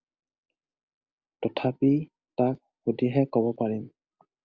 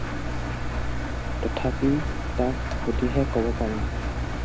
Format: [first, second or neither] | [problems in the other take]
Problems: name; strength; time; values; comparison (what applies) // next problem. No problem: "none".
first | background sound (Engine); 2 dB above the speech